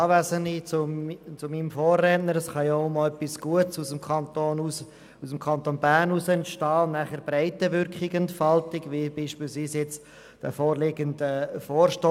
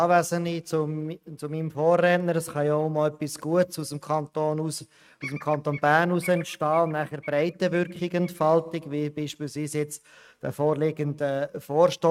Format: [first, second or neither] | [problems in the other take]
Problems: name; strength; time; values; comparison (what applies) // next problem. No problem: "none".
first | noise reduction (neural mask model RNNoise)